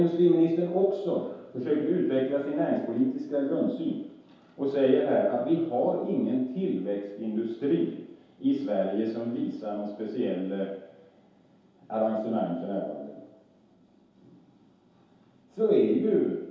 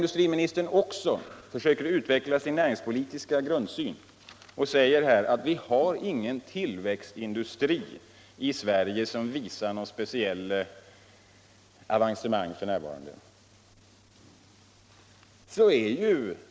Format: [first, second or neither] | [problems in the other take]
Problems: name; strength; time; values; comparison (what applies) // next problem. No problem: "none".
second | room echo; dies away in 0.8 s